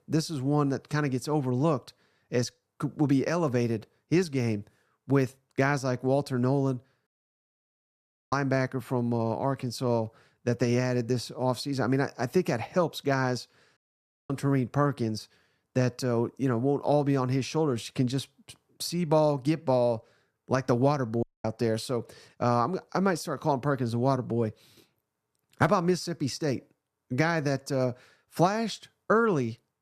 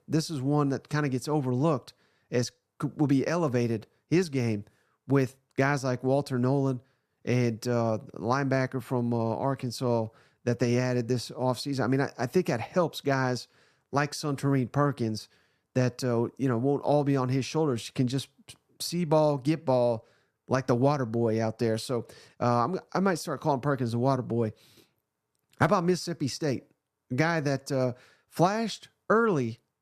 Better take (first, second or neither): second